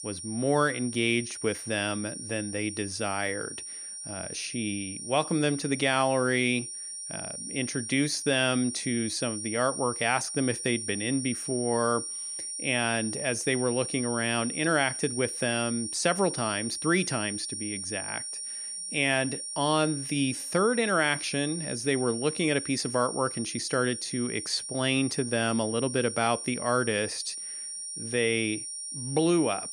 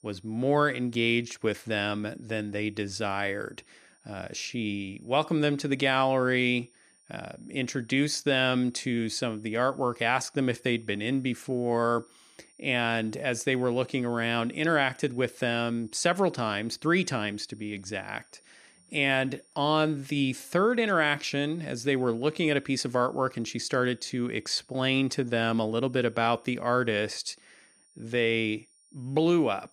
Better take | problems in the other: second | high-pitched whine; loud; throughout; 9 kHz, 6 dB below the speech; faint in the second

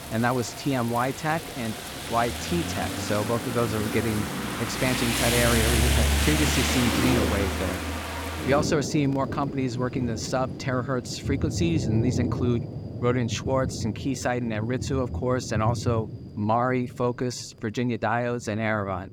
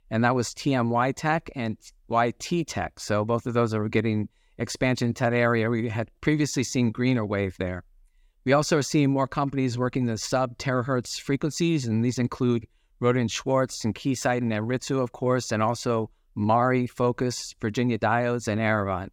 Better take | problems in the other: second | rain or running water; loud; throughout; 1 dB below the speech

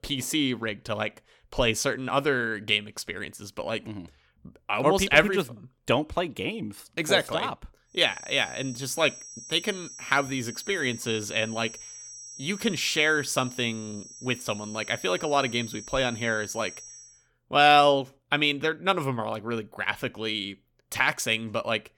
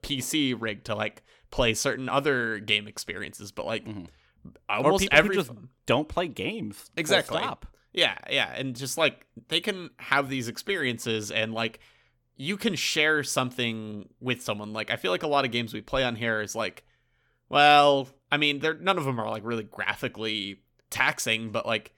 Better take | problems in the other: second | high-pitched whine; noticeable; from 8 to 17 s; 5.5 kHz, 15 dB below the speech

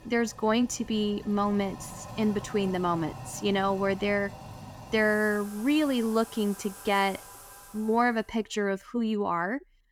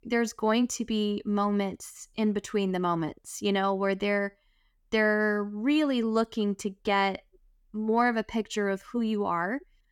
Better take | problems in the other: second | household noises; noticeable; until 8 s; 15 dB below the speech

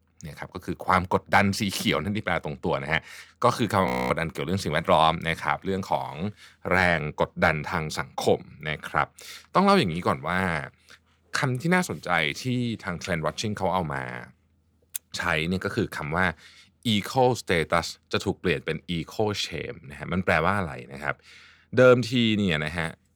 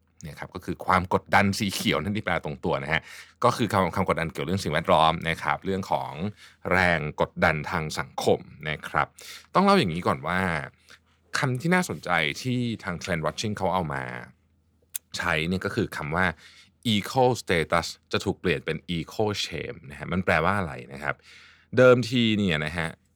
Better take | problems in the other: second | audio freezing; at 4 s

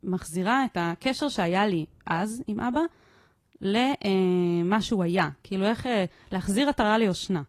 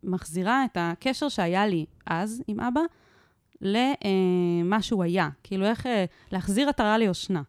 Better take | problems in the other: second | garbled, watery; slightly

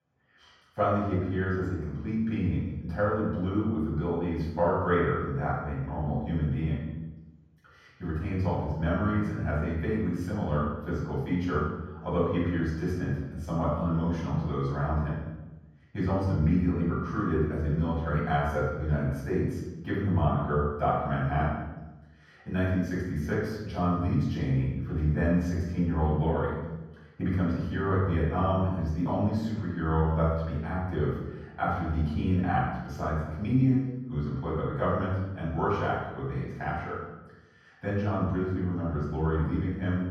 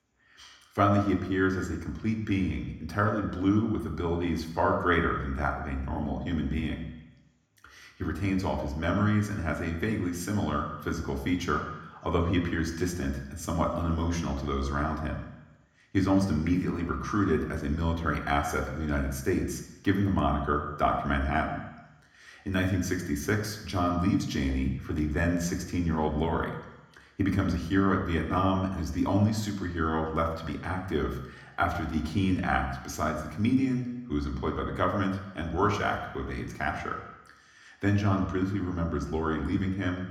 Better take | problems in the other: second | room echo; strong; dies away in 1.3 s; slight in the second // off-mic speech; far

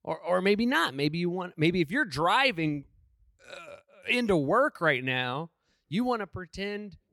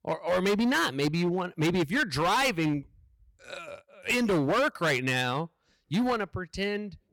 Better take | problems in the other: first | distortion; heavy; 13% of the sound clipped

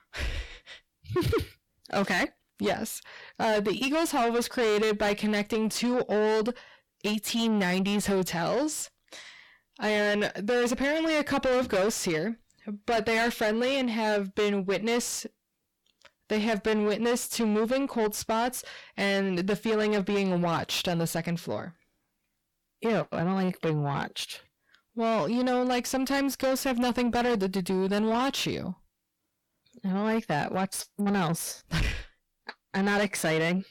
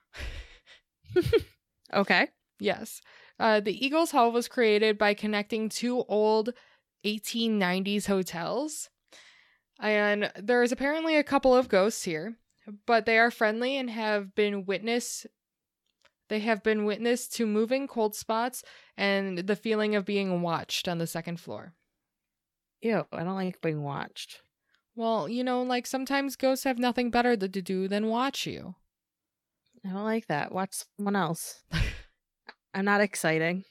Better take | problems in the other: second | distortion; heavy; 6 dB below the speech

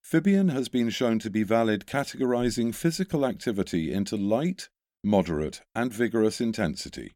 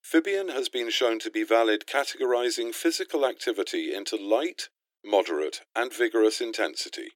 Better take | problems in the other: first | thin; very; fading below 300 Hz

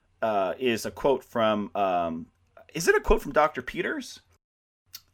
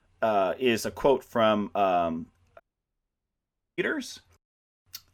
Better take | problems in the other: first | audio cutting out; at 2.5 s for 1 s

